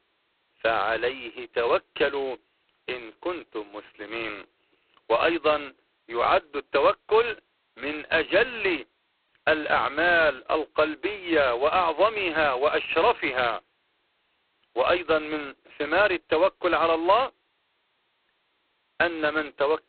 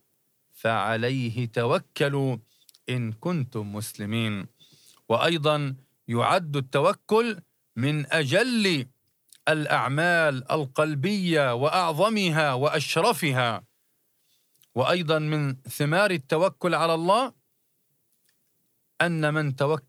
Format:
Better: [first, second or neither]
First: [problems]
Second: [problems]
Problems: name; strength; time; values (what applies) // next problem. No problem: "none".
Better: second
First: phone-call audio; poor line; nothing above 4 kHz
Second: none